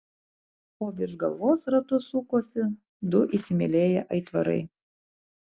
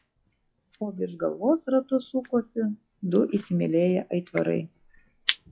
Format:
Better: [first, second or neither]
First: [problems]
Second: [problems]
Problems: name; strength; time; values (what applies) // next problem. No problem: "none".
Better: first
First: none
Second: noise reduction (classical method log-MMSE)